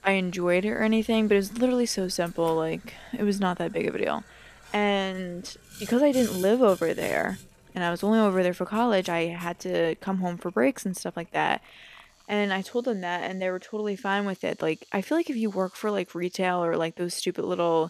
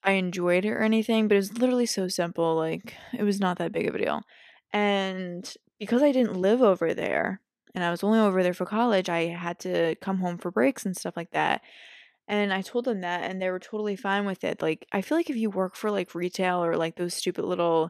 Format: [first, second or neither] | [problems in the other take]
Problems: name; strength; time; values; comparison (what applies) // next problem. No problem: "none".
second | household noises; faint; throughout; 20 dB below the speech